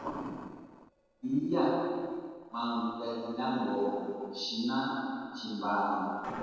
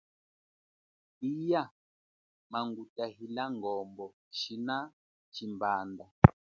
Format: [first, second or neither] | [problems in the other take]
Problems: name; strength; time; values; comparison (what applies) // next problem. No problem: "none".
second | noise reduction (neural separator model SepFormer DNS4)